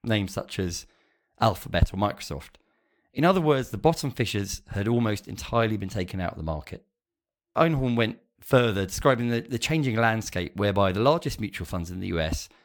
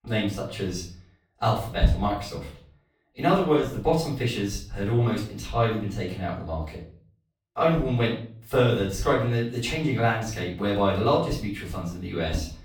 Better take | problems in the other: first | off-mic speech; far // room echo; noticeable; dies away in 0.4 s

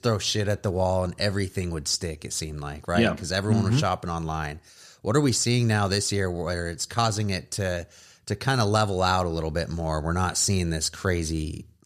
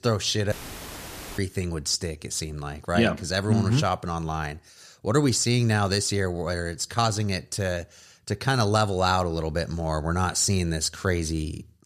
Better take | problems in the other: first | audio cutting out; filled with static; at 0.5 s for 1 s

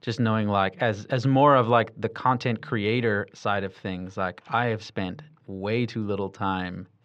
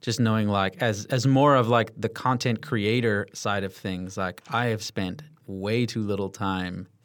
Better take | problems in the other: second | muffled; slightly; fading above 3 kHz

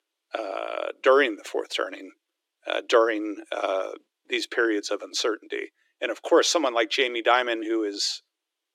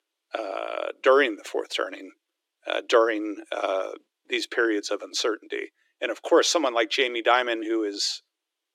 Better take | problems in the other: neither | thin; very; fading below 300 Hz; the same in both

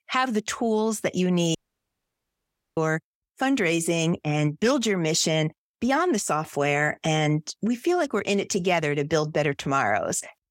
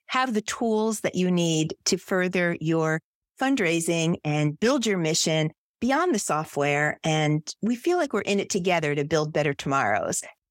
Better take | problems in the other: second | audio cutting out; at 1.5 s for 1 s

